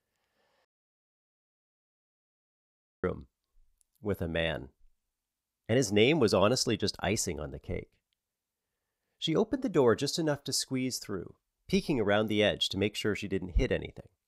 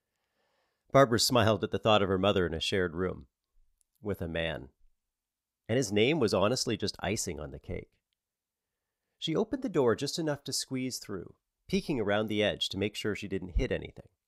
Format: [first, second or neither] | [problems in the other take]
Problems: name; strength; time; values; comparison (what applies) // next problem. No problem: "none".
second | audio cutting out; at 0.5 s for 2.5 s